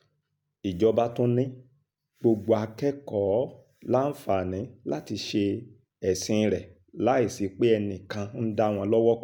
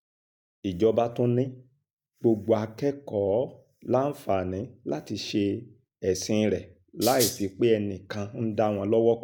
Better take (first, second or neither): first